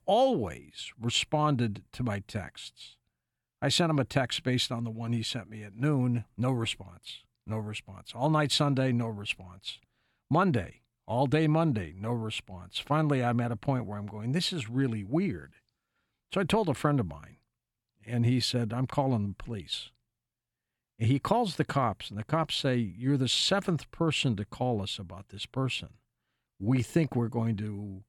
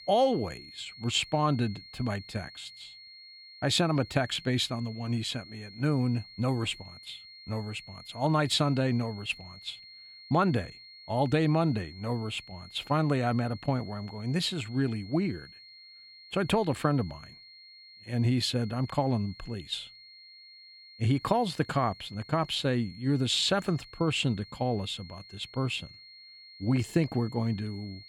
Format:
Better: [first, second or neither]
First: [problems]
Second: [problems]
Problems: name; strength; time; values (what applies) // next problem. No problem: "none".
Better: first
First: none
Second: high-pitched whine; noticeable; throughout; 4.5 kHz, 20 dB below the speech